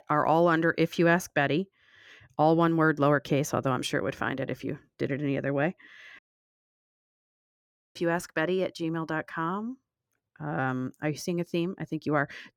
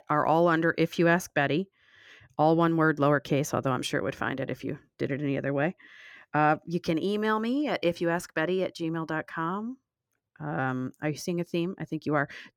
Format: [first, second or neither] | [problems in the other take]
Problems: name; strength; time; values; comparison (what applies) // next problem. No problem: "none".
second | audio cutting out; at 6 s for 2 s